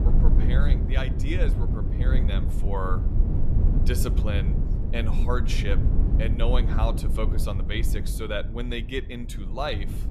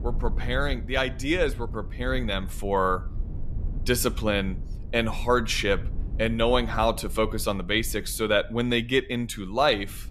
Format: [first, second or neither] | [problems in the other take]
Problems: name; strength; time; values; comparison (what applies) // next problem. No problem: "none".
second | low rumble; loud; throughout; 6 dB below the speech; faint in the second